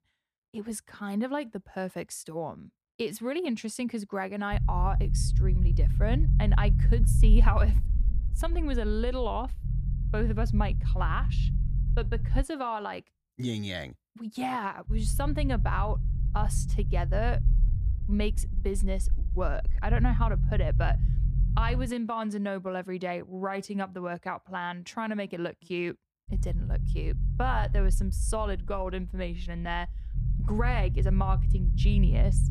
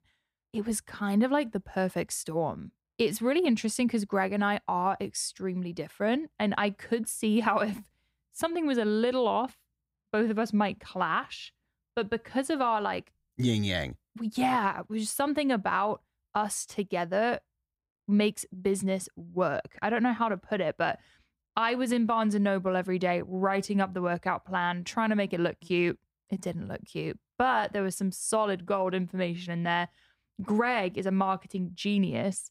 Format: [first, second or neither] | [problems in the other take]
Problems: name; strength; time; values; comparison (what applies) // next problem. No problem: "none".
second | low rumble; noticeable; from 4.5 to 12 s, from 15 to 22 s and from 26 s on; 10 dB below the speech